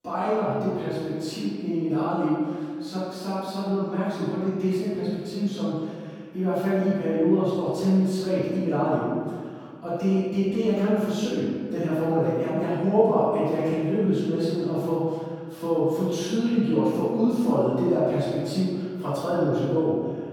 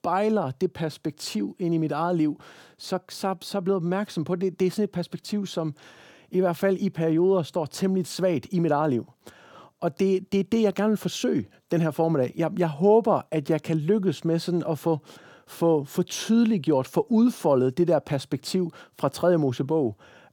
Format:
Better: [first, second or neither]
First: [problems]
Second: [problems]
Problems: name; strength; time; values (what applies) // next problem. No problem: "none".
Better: second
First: off-mic speech; far // room echo; strong; dies away in 1.7 s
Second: none